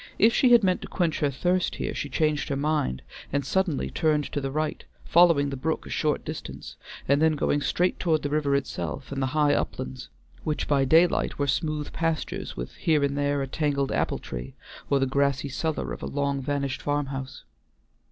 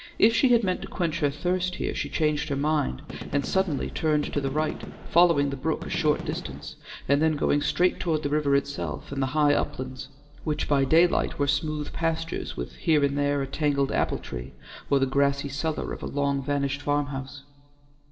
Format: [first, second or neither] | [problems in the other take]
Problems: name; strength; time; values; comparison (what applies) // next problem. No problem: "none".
first | background sound (Gunshot, gunfire); 12 dB below the speech // room echo; dies away in 1 s